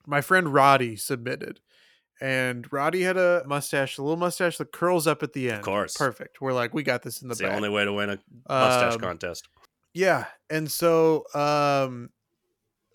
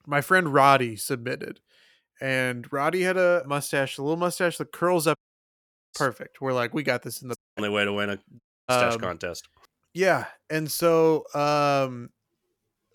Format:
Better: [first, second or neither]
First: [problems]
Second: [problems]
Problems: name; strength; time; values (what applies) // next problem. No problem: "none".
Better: first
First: none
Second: audio cutting out; at 5 s for 1 s, at 7.5 s and at 8.5 s